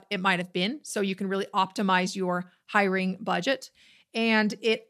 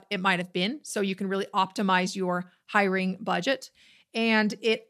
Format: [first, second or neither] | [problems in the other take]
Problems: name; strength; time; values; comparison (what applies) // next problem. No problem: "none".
neither | none